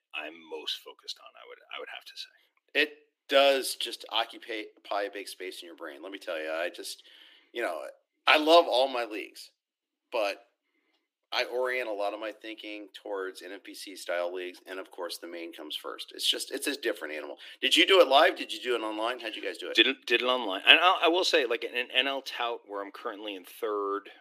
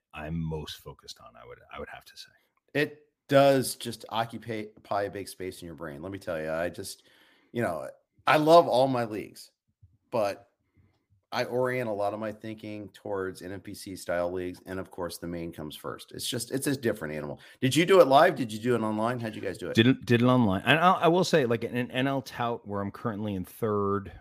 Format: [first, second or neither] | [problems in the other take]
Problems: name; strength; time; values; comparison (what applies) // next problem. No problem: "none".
second | thin; somewhat; fading below 300 Hz